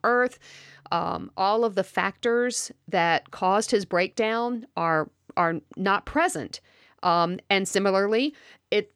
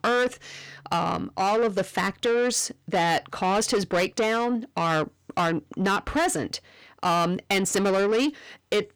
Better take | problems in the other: first | distortion; heavy; 8 dB below the speech

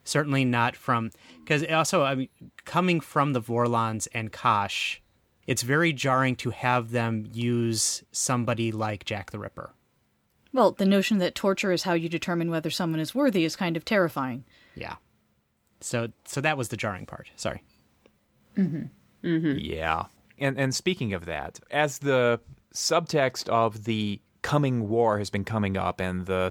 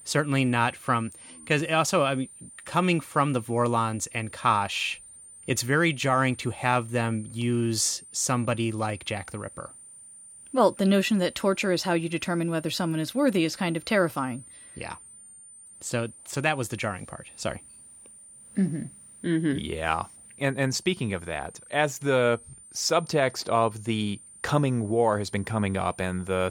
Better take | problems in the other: first | high-pitched whine; noticeable; throughout; 9 kHz, 20 dB below the speech

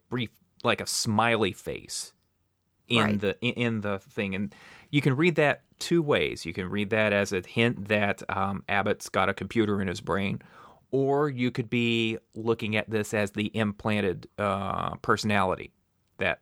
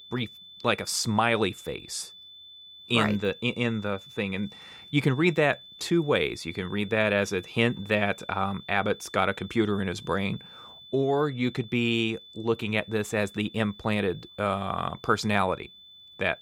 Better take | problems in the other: first | high-pitched whine; noticeable; throughout; 3.5 kHz, 20 dB below the speech

